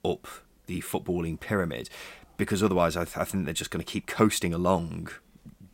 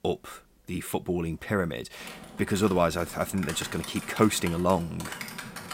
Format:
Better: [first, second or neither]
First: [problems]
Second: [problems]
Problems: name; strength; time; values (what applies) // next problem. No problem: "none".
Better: first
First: none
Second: keyboard typing; noticeable; from 2 s on; peak 8 dB below the speech